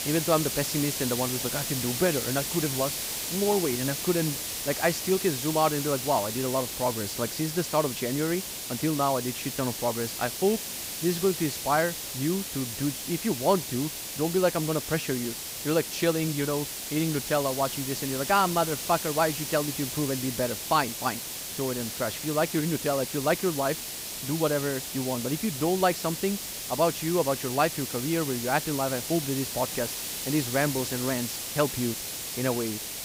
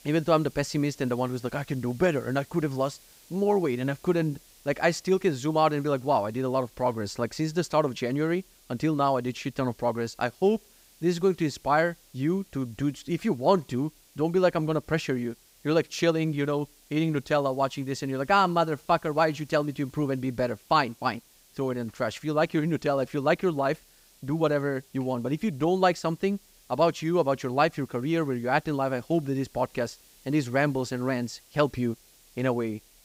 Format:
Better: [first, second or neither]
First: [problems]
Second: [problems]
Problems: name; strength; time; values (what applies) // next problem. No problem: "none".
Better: second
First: hiss; loud; throughout; 3 dB below the speech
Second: hiss; faint; throughout; 25 dB below the speech